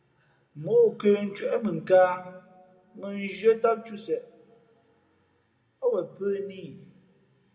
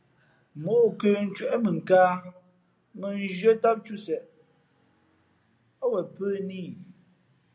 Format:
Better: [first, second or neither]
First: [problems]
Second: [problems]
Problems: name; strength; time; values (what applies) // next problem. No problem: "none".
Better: second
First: room echo; dies away in 0.9 s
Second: none